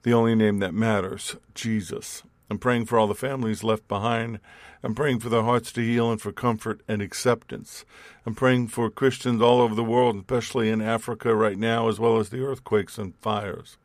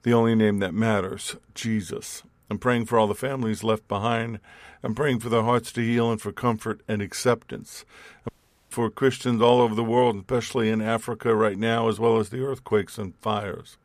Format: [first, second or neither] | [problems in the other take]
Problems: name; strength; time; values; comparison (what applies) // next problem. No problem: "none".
first | audio cutting out; at 8.5 s